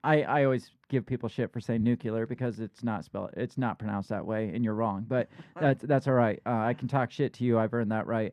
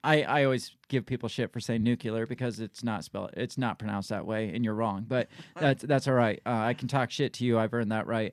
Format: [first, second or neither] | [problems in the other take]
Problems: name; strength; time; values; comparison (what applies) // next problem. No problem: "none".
second | muffled; slightly; fading above 2.5 kHz